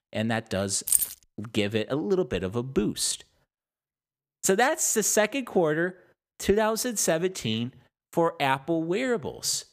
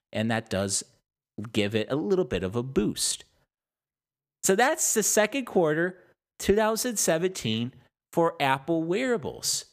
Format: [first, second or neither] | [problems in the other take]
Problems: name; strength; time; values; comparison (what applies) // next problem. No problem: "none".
second | jangling keys; loud; at 1 s; peak 3 dB above the speech